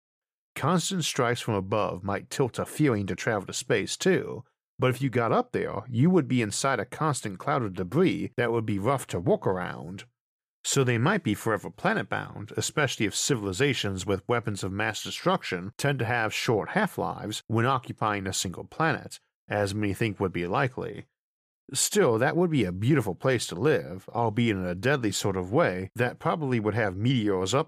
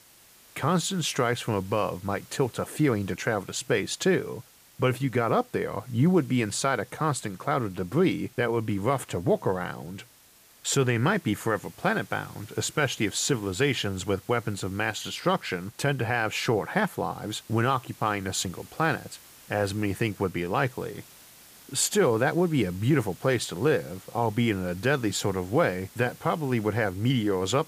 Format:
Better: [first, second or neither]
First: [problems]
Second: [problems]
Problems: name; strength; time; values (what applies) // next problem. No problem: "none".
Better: first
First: none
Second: hiss; faint; throughout; 25 dB below the speech